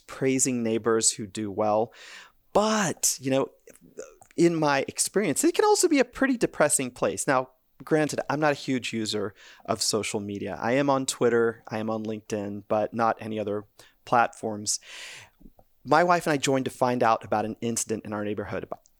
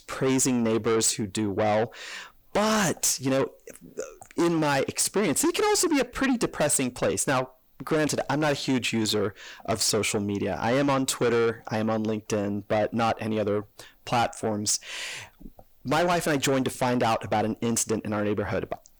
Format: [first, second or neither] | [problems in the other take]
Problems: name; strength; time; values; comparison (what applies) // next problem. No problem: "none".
first | distortion; heavy; 6 dB below the speech